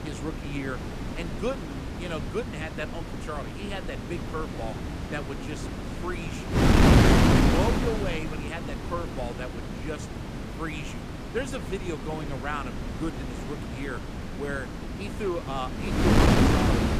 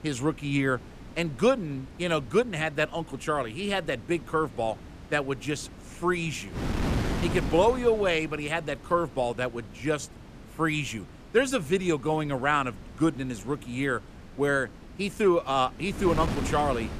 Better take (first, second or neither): second